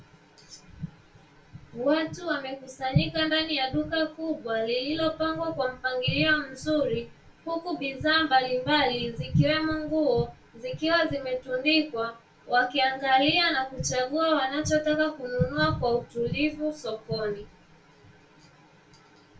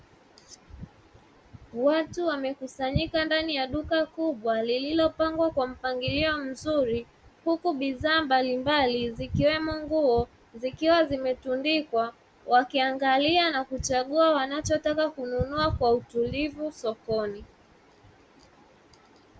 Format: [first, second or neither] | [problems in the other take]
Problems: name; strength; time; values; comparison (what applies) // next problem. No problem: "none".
second | room echo; dies away in 0.2 s